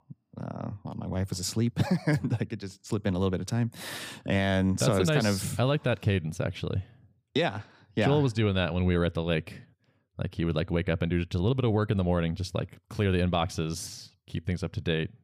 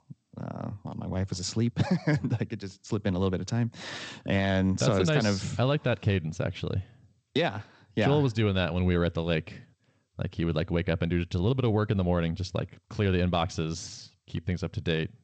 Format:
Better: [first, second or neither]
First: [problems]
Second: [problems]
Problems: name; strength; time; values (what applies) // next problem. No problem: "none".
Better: first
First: none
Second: garbled, watery; slightly; nothing above 8 kHz